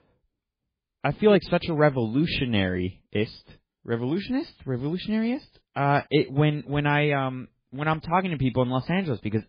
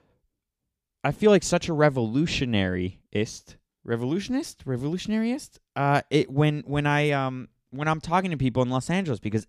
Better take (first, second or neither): second